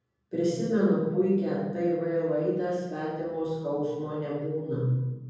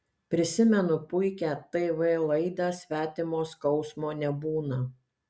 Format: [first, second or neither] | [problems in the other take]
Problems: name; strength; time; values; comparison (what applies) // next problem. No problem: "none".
second | room echo; dies away in 1.3 s